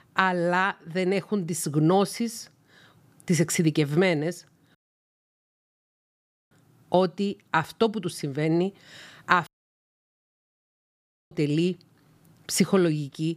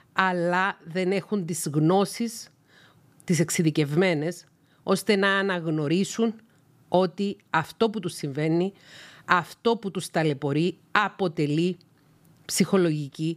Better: second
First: audio cutting out; at 5 s for 2 s and at 9.5 s for 2 s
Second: none

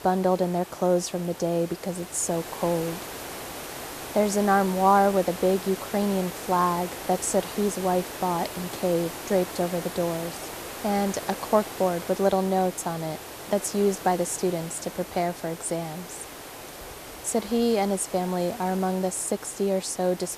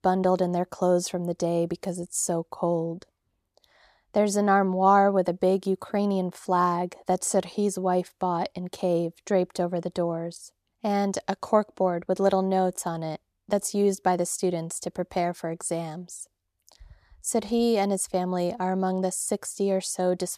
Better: second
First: hiss; noticeable; throughout; 10 dB below the speech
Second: none

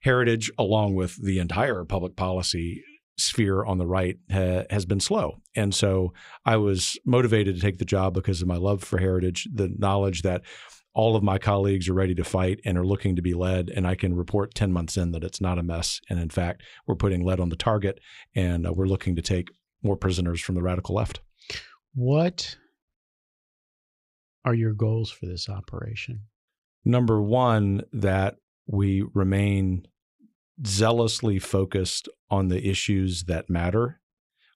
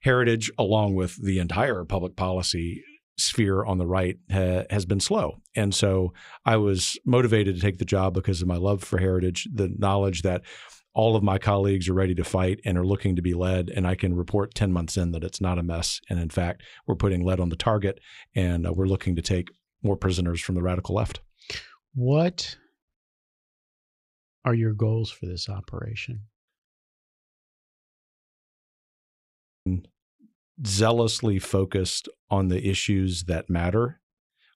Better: first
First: none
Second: audio cutting out; at 27 s for 3 s

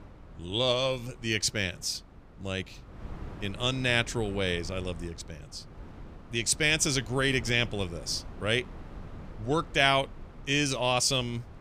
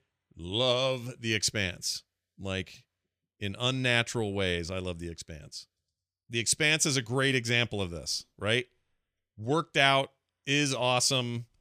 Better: second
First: wind noise on the microphone; occasional gusts; 25 dB below the speech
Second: none

